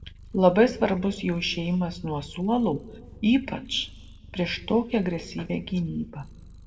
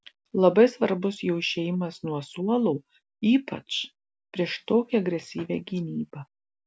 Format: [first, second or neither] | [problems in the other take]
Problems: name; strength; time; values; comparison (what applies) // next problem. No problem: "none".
second | background sound (Purr); 19 dB below the speech // room echo; dies away in 0.8 s